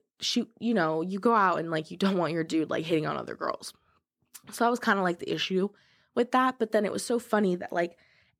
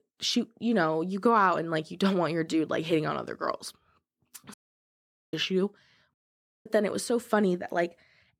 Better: first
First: none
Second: audio cutting out; at 4.5 s for 1 s and at 6 s for 0.5 s

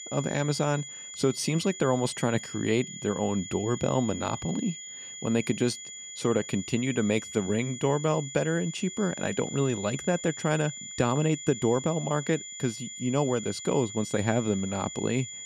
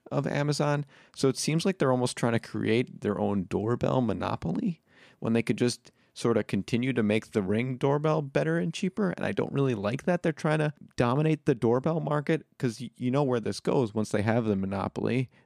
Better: second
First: high-pitched whine; loud; throughout; 7 kHz, 10 dB below the speech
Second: none

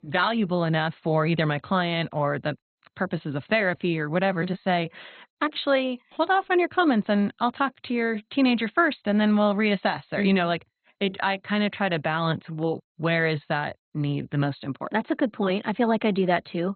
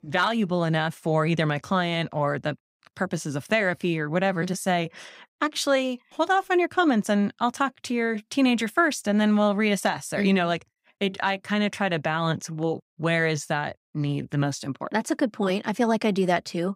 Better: second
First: garbled, watery; badly; nothing above 4 kHz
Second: none

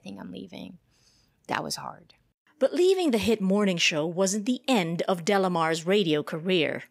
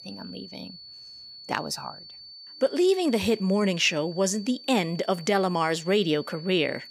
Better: first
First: none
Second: high-pitched whine; noticeable; throughout; 4.5 kHz, 15 dB below the speech

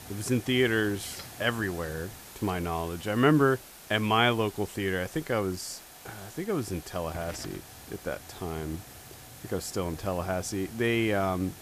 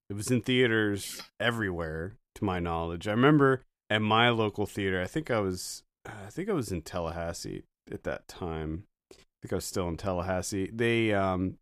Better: second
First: hiss; noticeable; throughout; 15 dB below the speech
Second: none

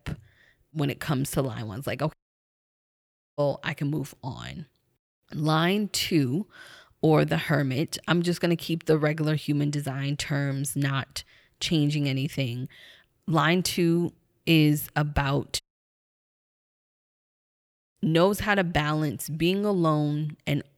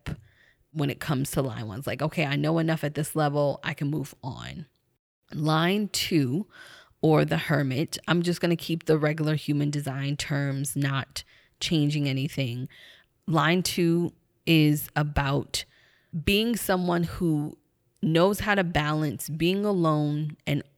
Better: second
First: audio cutting out; at 2 s for 1 s and at 16 s for 2.5 s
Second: none

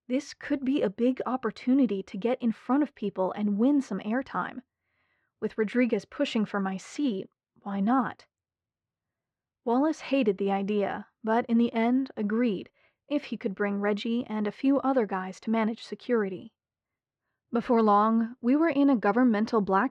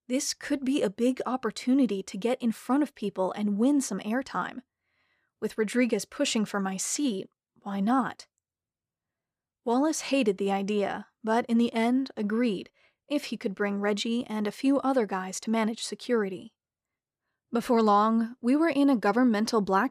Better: second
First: muffled; slightly; fading above 2.5 kHz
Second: none

